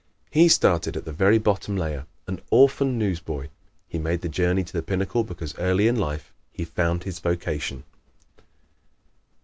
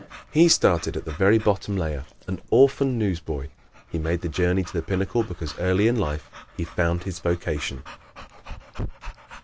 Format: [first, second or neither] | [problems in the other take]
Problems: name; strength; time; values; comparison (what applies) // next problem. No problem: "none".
first | background sound (Dog / Breathing); 17 dB below the speech